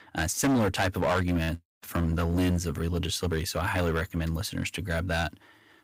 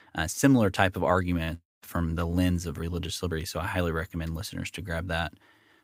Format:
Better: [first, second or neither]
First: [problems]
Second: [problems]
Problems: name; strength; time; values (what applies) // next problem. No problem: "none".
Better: second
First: distortion; heavy; 9% of the sound clipped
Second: none